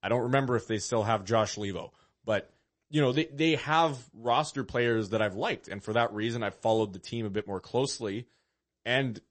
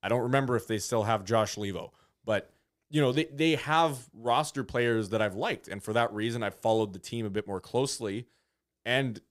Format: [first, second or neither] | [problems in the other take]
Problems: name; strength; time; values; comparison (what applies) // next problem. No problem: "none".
second | garbled, watery; slightly; nothing above 8 kHz